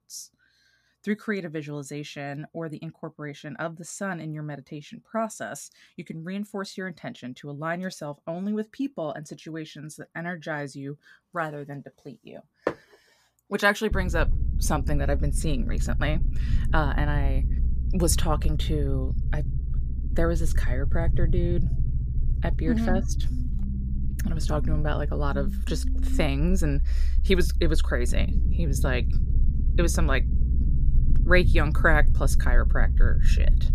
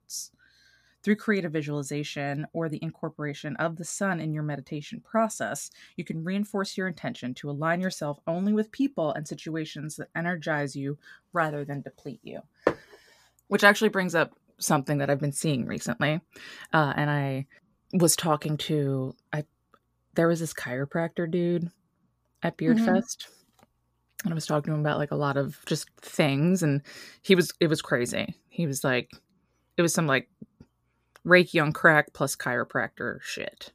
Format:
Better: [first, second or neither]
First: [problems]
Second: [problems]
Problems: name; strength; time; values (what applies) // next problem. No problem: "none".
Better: second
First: low rumble; noticeable; from 14 s on; 15 dB below the speech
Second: none